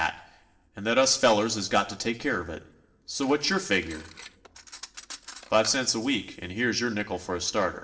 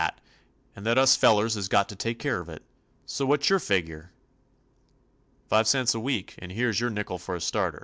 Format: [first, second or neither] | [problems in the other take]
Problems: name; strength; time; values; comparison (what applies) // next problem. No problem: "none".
second | noise reduction (neural separator model SepFormer DNS4)